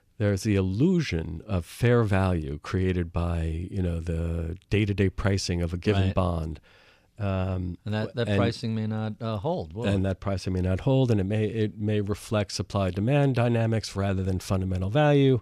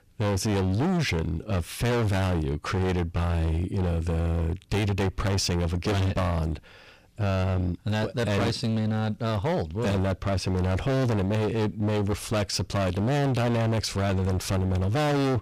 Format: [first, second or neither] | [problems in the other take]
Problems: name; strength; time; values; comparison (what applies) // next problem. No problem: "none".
first | distortion; heavy; 33% of the sound clipped